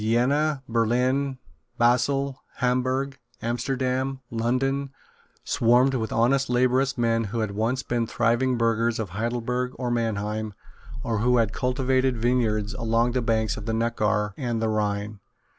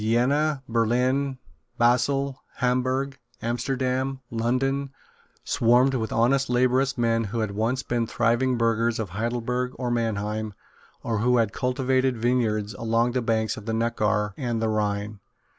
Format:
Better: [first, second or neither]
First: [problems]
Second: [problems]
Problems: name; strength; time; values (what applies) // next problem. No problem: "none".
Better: second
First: background sound (Growling); 5 dB below the speech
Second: none